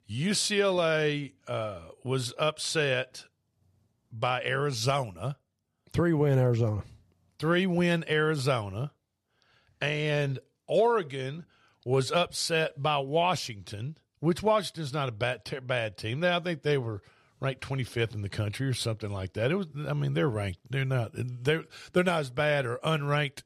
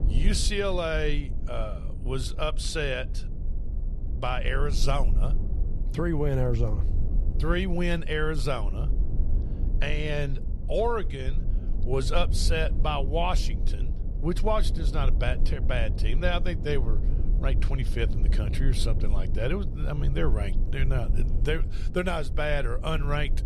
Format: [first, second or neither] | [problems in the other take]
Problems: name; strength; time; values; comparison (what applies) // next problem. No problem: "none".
first | low rumble; noticeable; throughout; 15 dB below the speech